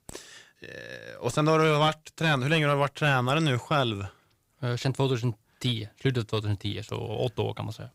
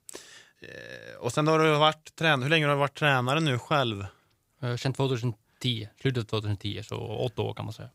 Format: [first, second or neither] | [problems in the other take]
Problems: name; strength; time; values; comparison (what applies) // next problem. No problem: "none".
second | distortion; slight; 10 dB below the speech